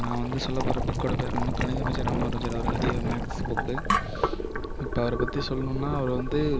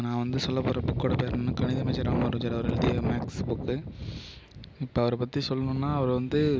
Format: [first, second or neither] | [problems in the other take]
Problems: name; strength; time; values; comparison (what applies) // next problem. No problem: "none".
second | background sound (Boiling); 1 dB below the speech